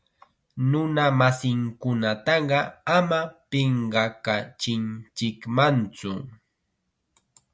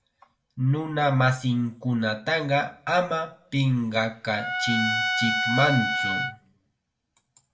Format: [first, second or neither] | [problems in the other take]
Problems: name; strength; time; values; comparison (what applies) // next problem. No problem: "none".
first | background sound (Trumpet); 2 dB below the speech // room echo; dies away in 0.3 s